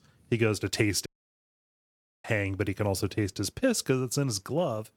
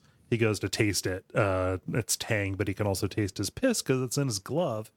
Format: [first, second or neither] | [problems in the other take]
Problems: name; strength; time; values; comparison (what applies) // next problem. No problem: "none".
second | audio cutting out; at 1 s for 1 s